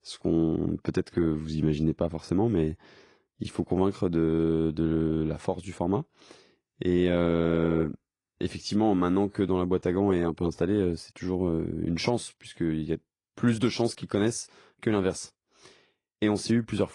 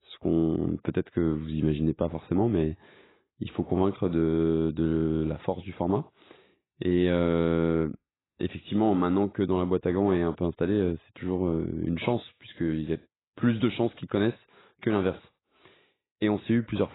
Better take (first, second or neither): first